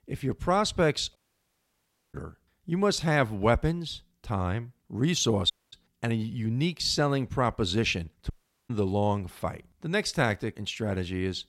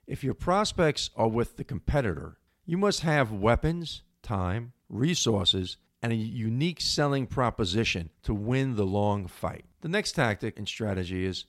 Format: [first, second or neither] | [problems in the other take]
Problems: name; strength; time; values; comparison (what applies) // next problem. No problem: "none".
second | audio cutting out; at 1 s for 1 s, at 5.5 s and at 8.5 s